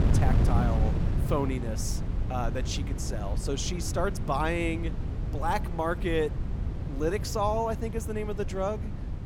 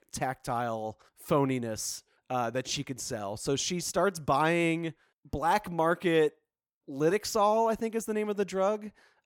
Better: second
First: wind noise on the microphone; occasional gusts; 10 dB below the speech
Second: none

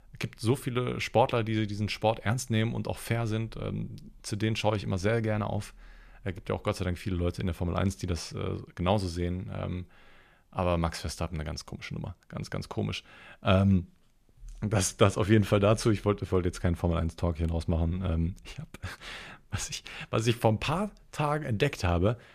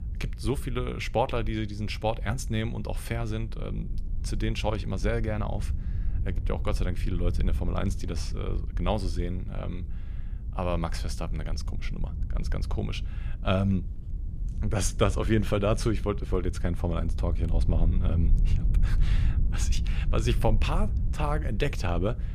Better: first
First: none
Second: wind noise on the microphone; occasional gusts; 15 dB below the speech

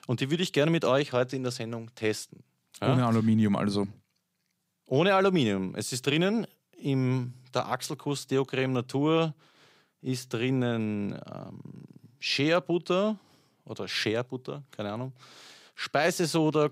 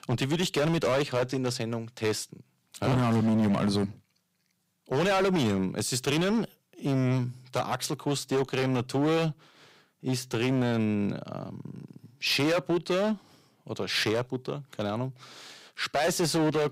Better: first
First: none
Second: distortion; heavy; 12% of the sound clipped

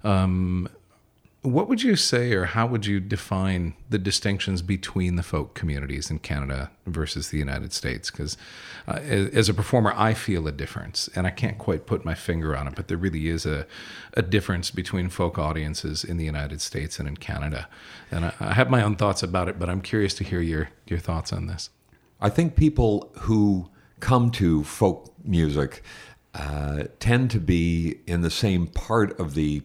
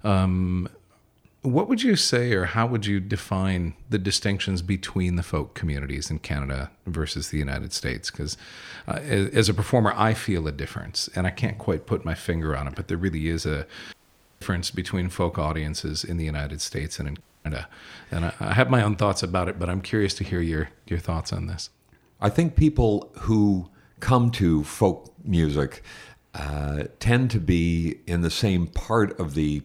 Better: first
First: none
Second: audio cutting out; at 14 s and at 17 s

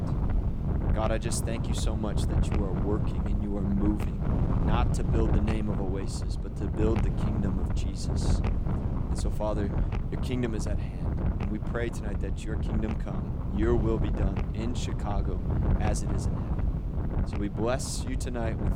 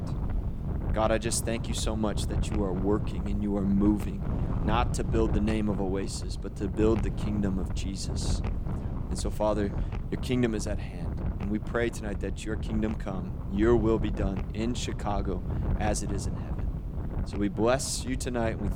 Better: second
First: wind noise on the microphone; heavy; 3 dB below the speech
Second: wind noise on the microphone; occasional gusts; 10 dB below the speech

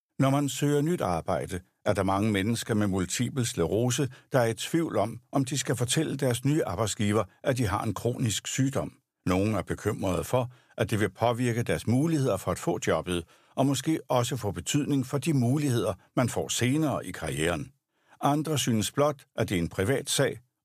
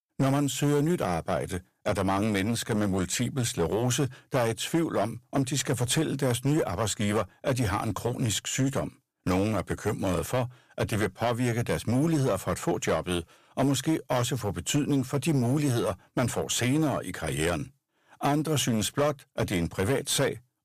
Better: first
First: none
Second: distortion; slight; 9% of the sound clipped

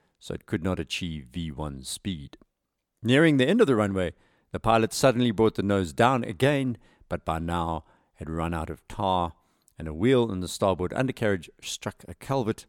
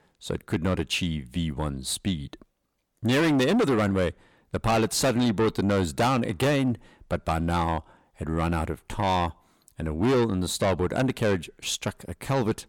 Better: first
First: none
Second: distortion; heavy; 6 dB below the speech

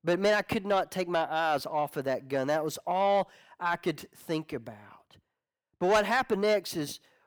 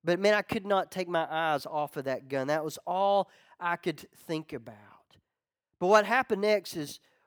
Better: second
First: distortion; slight; 10 dB below the speech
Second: none

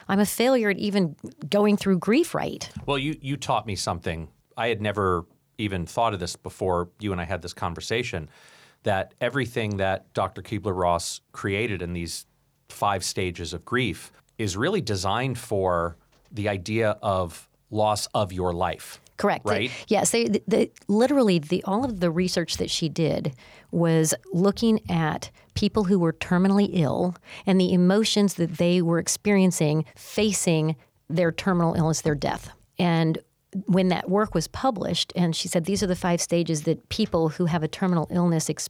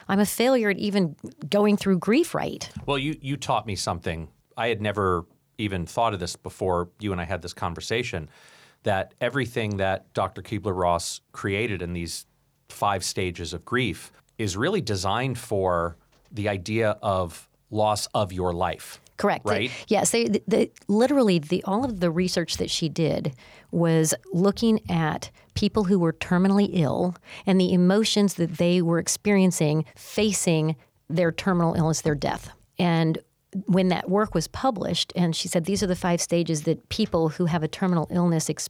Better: neither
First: none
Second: none

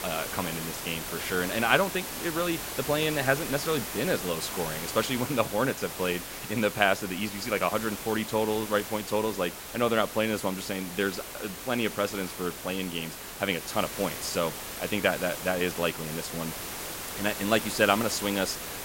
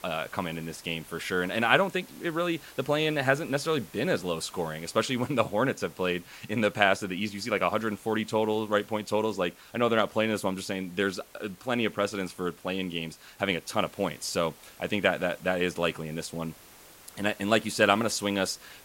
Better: second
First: hiss; loud; throughout; 7 dB below the speech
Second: hiss; faint; throughout; 20 dB below the speech

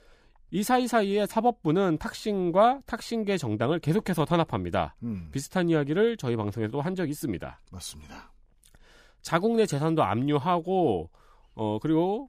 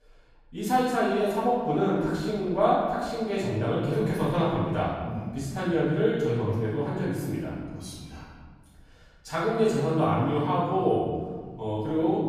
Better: first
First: none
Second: room echo; strong; dies away in 1.6 s // off-mic speech; far

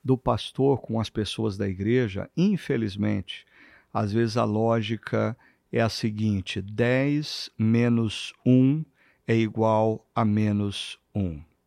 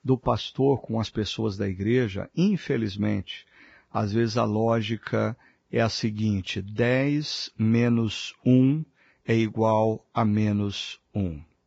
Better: first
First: none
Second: garbled, watery; badly

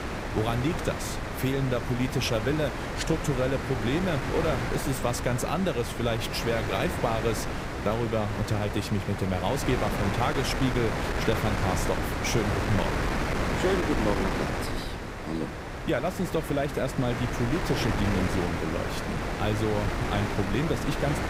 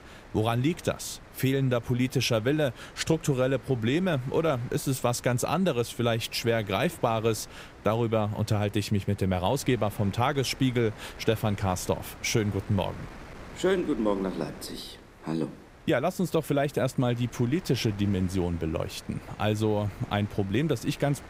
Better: second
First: wind noise on the microphone; heavy; as loud as the speech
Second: wind noise on the microphone; occasional gusts; 20 dB below the speech

